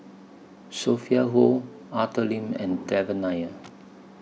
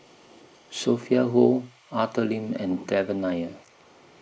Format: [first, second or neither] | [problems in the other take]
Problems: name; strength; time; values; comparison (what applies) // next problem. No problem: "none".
first | noise reduction (neural mask model Resemble Enhance denoiser)